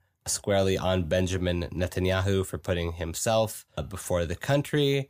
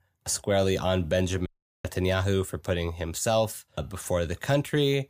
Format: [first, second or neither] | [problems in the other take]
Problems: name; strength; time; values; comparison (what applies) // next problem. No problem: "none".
first | audio cutting out; at 1.5 s